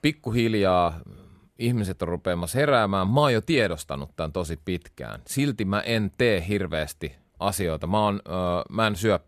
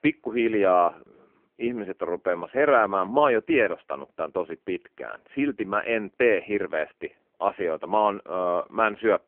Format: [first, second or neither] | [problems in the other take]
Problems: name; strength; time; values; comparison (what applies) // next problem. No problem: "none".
first | phone-call audio; poor line